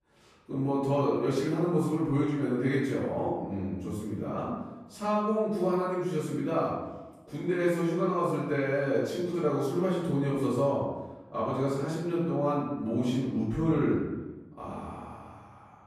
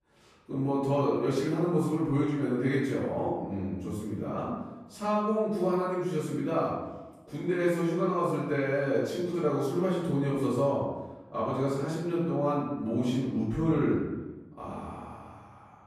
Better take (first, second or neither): neither